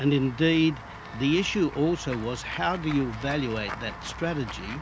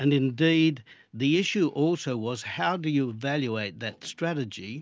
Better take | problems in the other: second | background sound (Walk, footsteps / Run / Bell); 12 dB below the speech

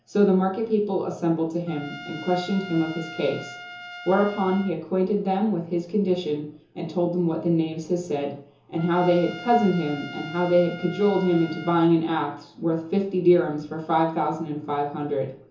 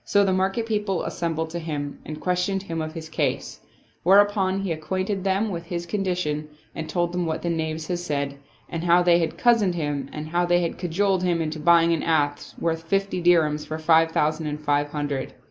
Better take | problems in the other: second | background sound (Trumpet); 16 dB below the speech // room echo; dies away in 0.6 s

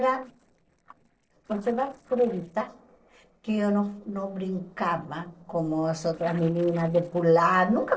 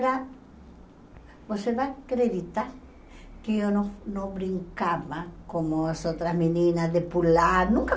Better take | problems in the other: second | noise reduction (neural separator model SepFormer DNS4)

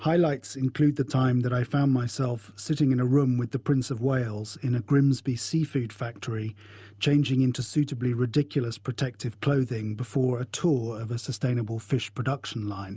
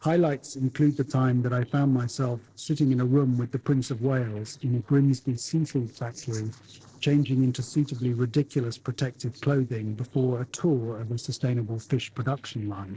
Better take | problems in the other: first | noise reduction (neural separator model SepFormer DNS4)

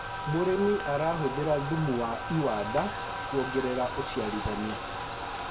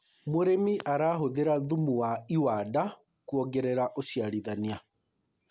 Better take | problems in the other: second | background sound (Bathtub (filling or washing)); 5 dB below the speech // room echo; dies away in 1.8 s

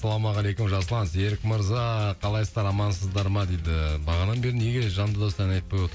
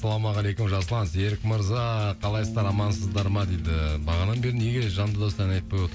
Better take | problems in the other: first | background sound (Bass guitar); 14 dB below the speech

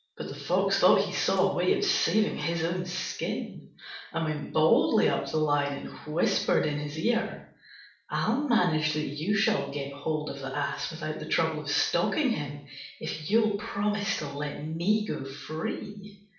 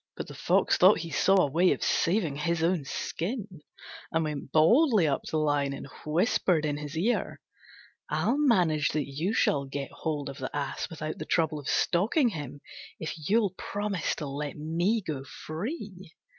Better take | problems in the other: second | room echo; dies away in 0.5 s

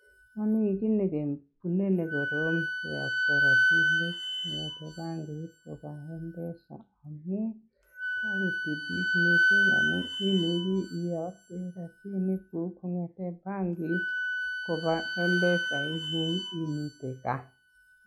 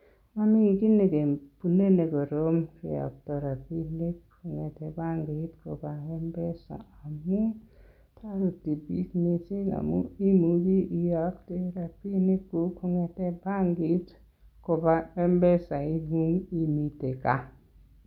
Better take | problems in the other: second | noise reduction (classical method log-MMSE)

